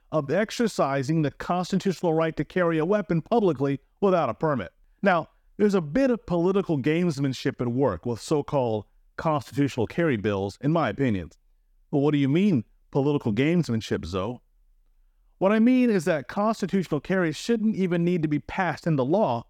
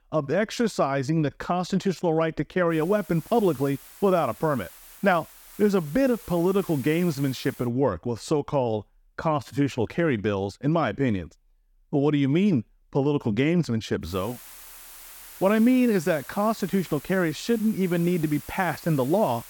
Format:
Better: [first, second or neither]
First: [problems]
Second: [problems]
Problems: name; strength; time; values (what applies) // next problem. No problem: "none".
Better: first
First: none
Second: hiss; noticeable; from 2.5 to 7.5 s and from 14 s on; 20 dB below the speech